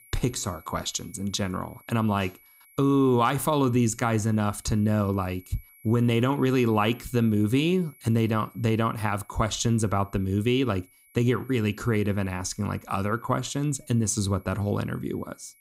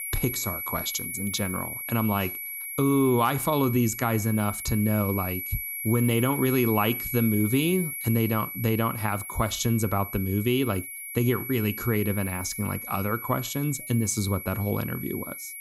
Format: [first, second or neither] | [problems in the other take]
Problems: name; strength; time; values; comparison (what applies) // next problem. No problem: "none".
first | high-pitched whine; loud; throughout; 2.5 kHz, 6 dB below the speech; faint in the first